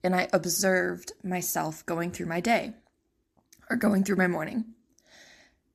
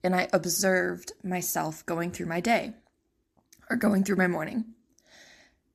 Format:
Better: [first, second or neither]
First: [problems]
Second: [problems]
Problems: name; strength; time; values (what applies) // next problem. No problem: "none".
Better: neither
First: none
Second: none